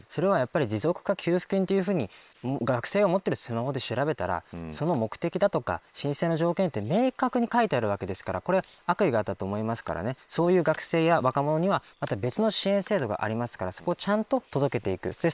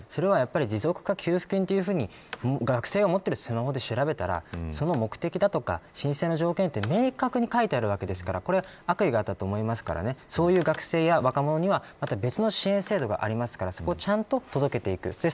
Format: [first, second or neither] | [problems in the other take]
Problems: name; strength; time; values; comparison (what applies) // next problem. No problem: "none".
second | noise reduction (neural separator model SepFormer WHAM!)